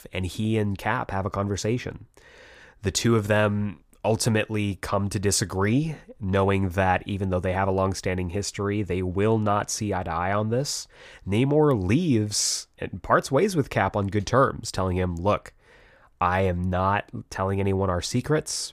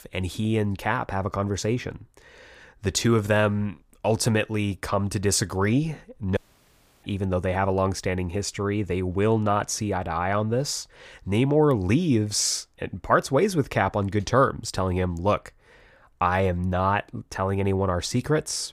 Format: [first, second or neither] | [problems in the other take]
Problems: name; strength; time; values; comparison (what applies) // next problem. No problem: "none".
first | audio cutting out; at 6.5 s for 0.5 s